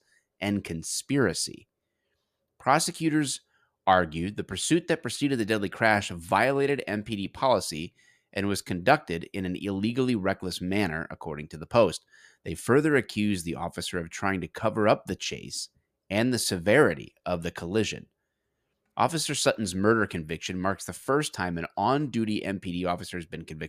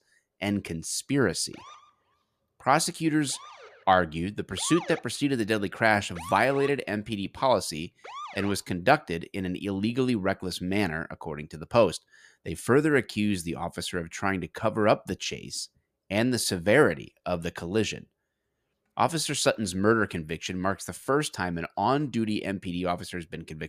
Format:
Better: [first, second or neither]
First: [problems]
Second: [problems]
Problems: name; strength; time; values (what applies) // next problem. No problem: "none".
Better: first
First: none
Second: siren; noticeable; from 1.5 to 8.5 s; peak 9 dB below the speech